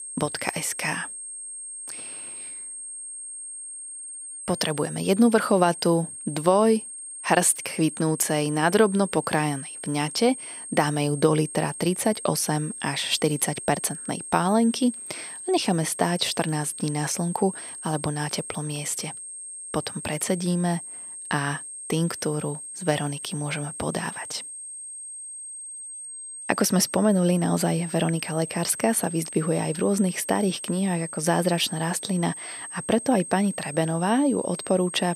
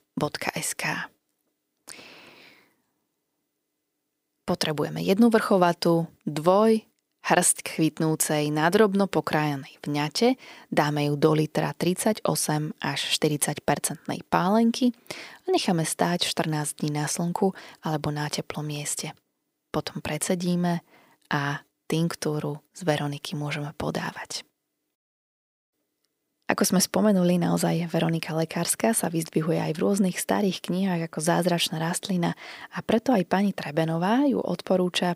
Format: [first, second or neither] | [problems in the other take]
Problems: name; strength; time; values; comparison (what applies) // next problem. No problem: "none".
second | high-pitched whine; loud; throughout; 8.5 kHz, 10 dB below the speech